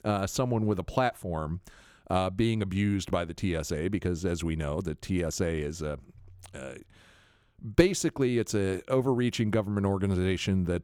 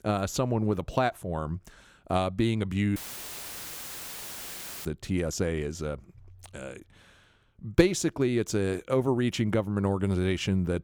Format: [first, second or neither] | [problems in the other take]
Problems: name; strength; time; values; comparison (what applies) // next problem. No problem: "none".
first | audio cutting out; filled with static; at 3 s for 2 s